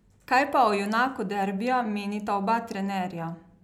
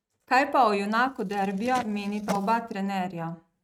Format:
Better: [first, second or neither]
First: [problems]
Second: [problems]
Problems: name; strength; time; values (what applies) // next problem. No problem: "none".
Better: first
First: none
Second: noise reduction (neural mask model RNNoise)